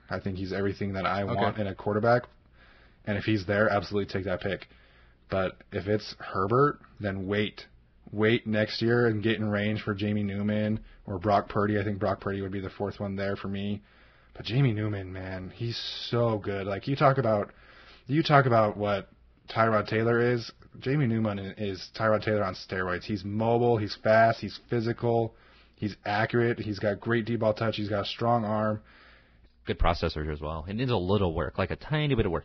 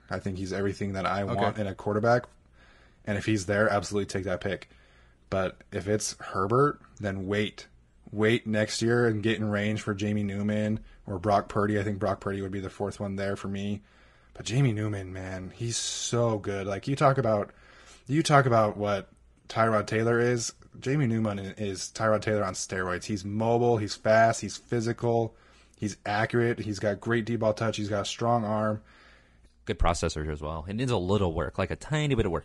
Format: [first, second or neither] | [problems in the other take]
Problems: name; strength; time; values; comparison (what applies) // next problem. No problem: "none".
second | garbled, watery; badly; nothing above 5.5 kHz; slightly in the second